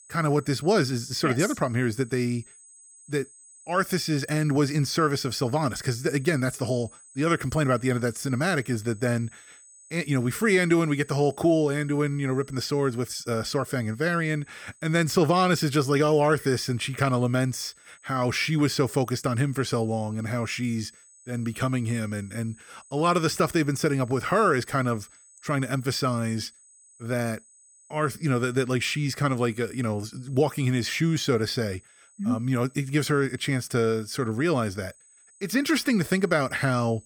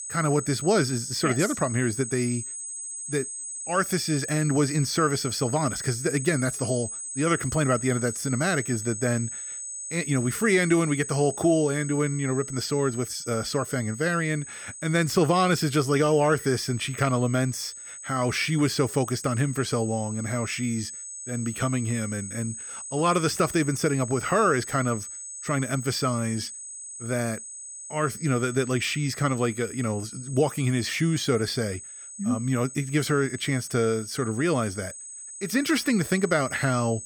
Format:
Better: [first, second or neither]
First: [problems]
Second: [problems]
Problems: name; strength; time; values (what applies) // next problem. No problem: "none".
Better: first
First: high-pitched whine; faint; throughout; 8 kHz, 25 dB below the speech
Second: high-pitched whine; loud; throughout; 8 kHz, 9 dB below the speech